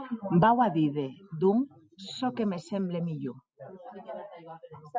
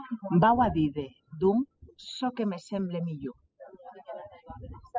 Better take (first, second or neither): first